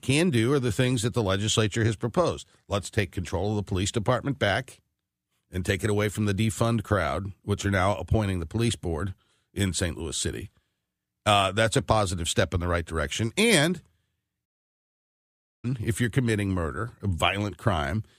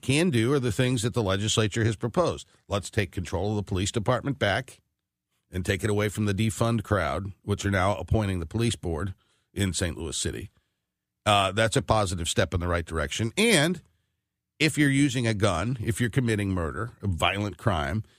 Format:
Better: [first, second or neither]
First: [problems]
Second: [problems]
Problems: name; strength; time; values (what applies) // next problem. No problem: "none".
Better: second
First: audio cutting out; at 14 s for 1 s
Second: none